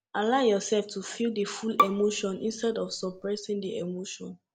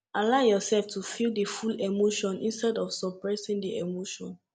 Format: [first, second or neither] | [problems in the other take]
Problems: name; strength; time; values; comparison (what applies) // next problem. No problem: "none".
second | background sound (Bowed string instrument); 3 dB below the speech